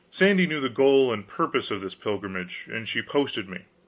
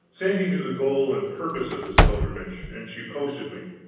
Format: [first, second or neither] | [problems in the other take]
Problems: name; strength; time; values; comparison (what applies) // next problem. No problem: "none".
first | background sound (Slam / Wood); 3 dB above the speech // room echo; dies away in 1.1 s